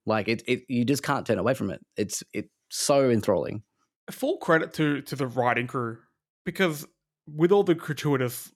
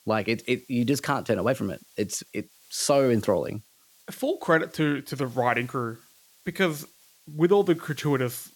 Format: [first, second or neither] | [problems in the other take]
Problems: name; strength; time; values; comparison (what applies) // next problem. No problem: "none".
first | hiss; faint; throughout; 25 dB below the speech